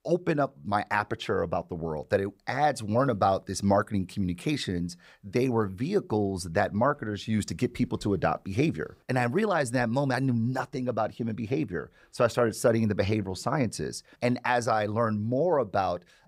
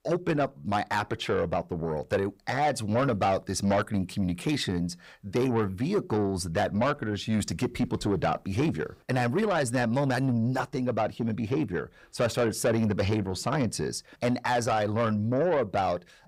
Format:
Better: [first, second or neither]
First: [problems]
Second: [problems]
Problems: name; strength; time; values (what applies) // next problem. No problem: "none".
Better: first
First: none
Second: distortion; slight; 10 dB below the speech